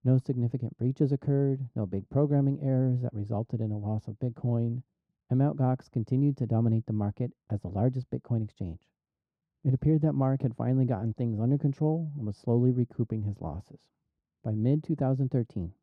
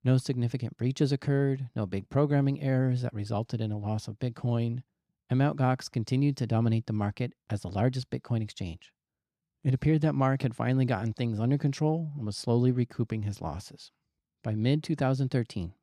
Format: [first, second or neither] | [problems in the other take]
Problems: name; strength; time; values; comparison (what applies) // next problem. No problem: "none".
second | muffled; very; fading above 1.5 kHz